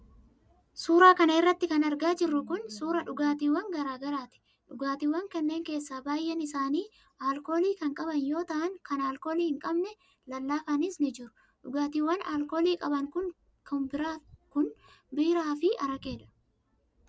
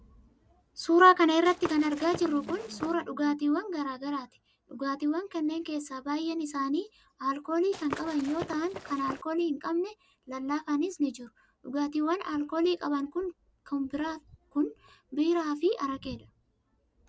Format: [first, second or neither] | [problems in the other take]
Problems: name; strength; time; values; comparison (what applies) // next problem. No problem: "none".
first | background sound (Walk, footsteps / Run); 11 dB below the speech